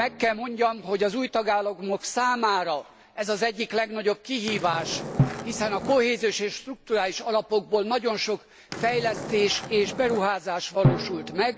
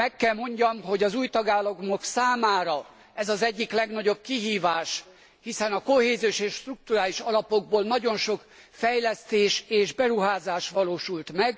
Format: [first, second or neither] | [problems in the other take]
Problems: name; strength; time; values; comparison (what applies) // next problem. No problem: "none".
second | background sound (Drum + Skateboard); 8 dB below the speech